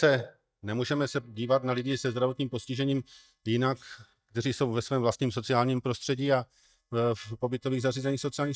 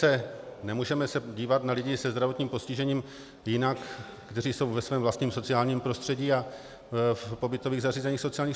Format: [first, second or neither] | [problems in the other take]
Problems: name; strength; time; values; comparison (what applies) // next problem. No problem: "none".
second | noise reduction (neural mask model DeepFilterNet 3)